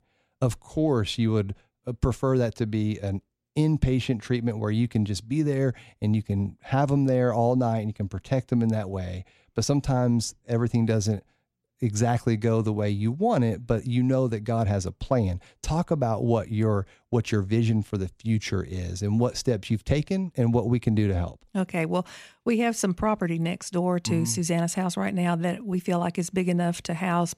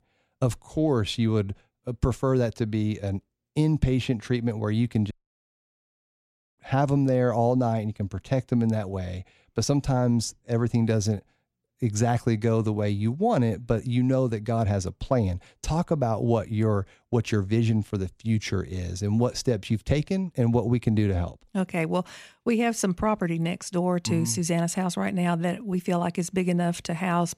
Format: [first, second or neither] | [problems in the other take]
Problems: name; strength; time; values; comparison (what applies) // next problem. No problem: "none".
first | audio cutting out; at 5 s for 1.5 s